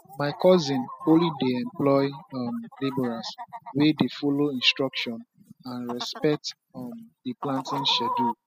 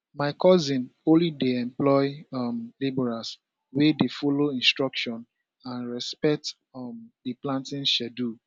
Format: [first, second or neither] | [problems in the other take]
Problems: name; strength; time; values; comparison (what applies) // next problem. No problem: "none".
second | noise reduction (classical method spectral subtraction)